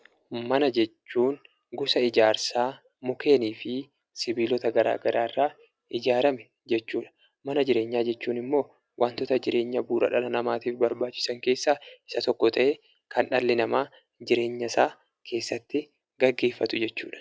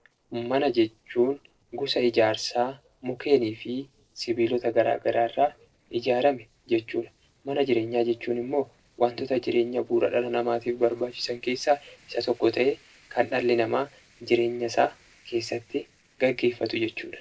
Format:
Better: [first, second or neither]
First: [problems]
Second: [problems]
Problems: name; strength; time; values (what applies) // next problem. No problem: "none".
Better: first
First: none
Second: noise reduction (neural separator model SepFormer DNS4)